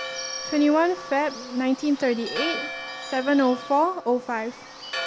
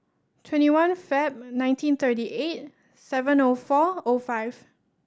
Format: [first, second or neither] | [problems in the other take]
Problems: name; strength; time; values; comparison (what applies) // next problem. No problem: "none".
second | background sound (Bird / Bell + Church bell); 10 dB below the speech